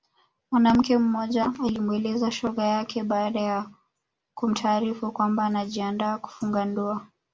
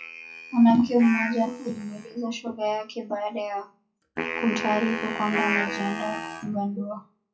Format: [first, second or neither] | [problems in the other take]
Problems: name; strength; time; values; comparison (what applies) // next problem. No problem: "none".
first | noise reduction (classical method WPE with log-MMSE)